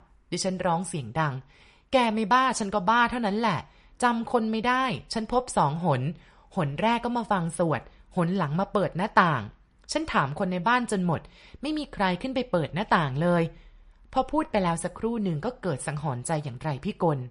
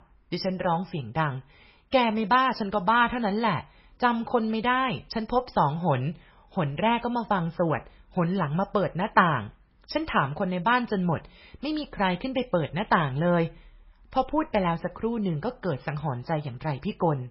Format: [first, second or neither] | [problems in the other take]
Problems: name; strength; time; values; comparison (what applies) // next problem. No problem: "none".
first | garbled, watery; badly; nothing above 5.5 kHz; slightly in the first